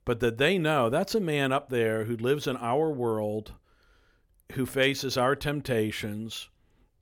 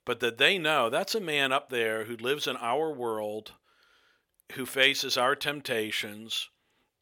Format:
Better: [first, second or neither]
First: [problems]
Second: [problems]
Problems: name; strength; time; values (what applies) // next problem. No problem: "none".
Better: first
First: none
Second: thin; somewhat; fading below 750 Hz